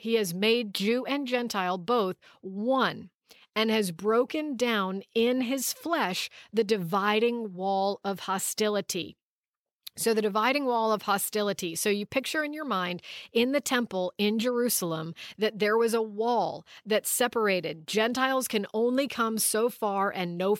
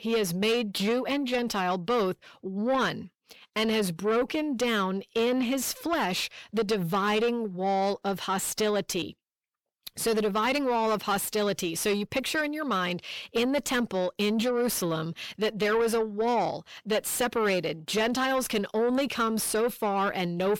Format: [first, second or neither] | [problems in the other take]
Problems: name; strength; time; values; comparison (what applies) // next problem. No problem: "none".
first | distortion; slight; 10 dB below the speech